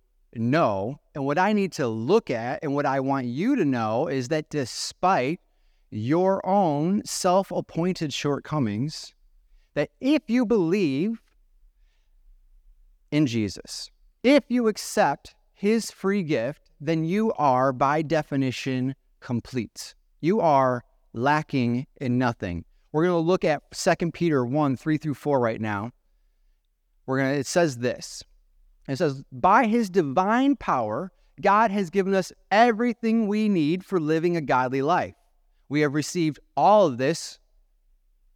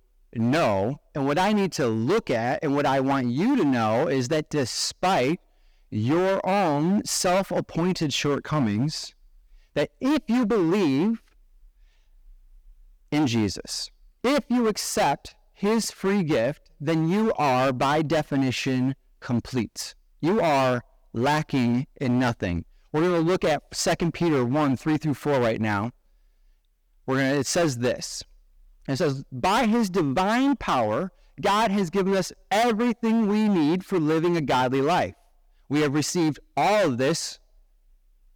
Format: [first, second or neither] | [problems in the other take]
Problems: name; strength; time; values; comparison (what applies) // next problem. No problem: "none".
first | distortion; heavy; 17% of the sound clipped